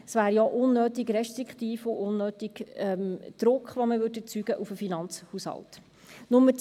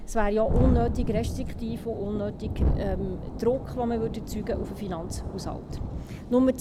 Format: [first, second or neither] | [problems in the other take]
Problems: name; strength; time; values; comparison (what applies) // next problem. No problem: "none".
first | background sound (Thunderstorm); as loud as the speech